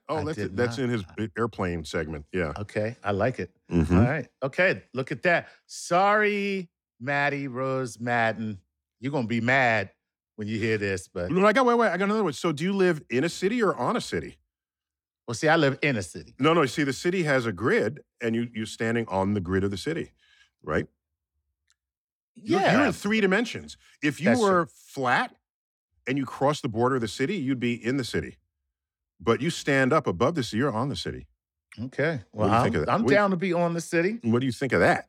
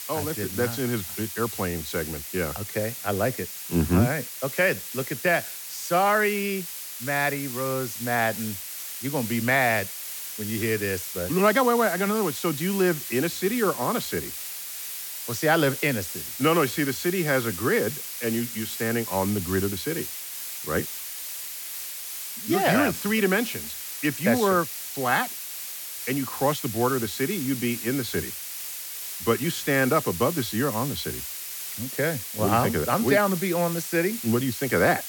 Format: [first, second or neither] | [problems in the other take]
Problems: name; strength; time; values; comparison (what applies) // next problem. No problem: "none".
first | hiss; loud; throughout; 7 dB below the speech